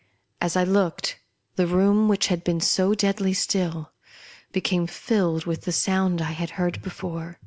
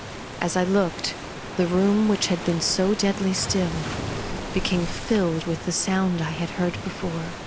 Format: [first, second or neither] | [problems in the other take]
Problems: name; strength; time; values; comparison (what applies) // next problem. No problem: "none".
first | background sound (Waves, surf); 8 dB below the speech